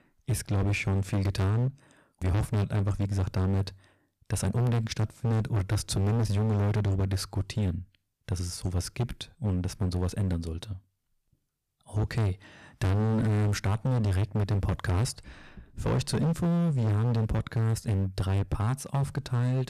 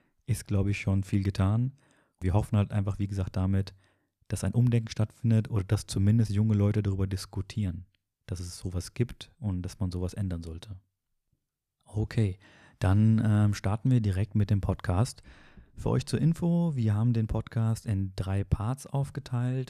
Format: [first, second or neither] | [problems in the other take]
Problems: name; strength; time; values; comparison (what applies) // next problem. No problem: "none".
second | distortion; heavy; 22% of the sound clipped